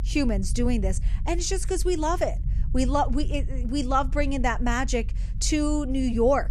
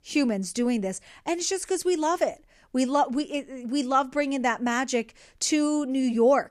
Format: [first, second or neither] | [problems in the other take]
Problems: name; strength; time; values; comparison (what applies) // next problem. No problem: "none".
second | low rumble; faint; throughout; 20 dB below the speech